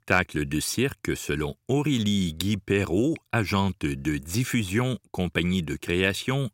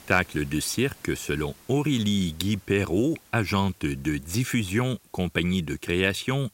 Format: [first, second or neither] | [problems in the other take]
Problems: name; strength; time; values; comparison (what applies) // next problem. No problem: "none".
first | hiss; faint; throughout; 25 dB below the speech